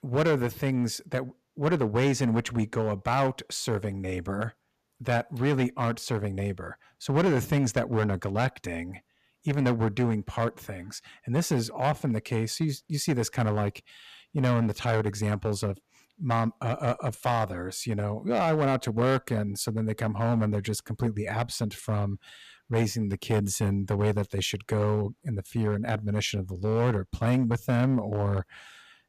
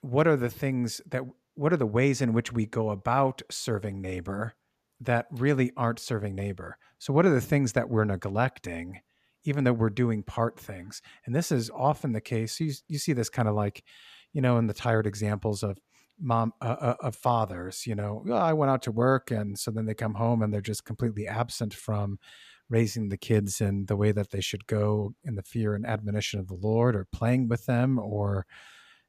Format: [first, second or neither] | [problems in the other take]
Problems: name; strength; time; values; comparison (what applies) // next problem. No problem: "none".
second | distortion; slight; 5% of the sound clipped